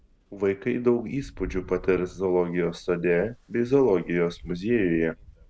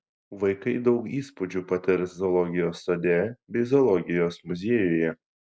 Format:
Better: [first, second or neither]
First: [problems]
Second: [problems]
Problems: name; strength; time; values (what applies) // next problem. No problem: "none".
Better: second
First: background sound (Rain); 19 dB below the speech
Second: none